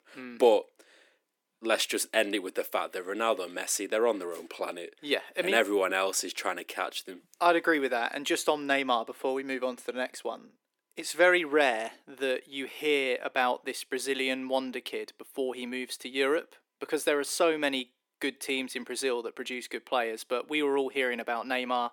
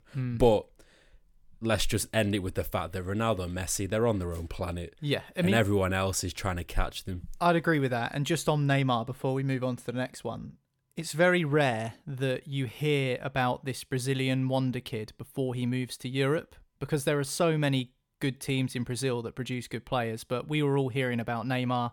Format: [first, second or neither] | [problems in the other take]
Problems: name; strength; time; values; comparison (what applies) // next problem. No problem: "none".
second | thin; somewhat; fading below 300 Hz